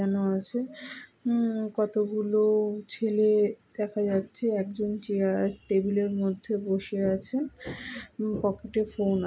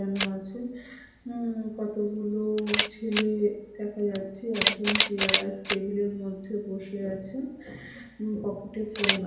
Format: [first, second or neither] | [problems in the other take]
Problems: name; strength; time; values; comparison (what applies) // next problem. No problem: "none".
first | background sound (Camera); 2 dB below the speech // room echo; dies away in 0.8 s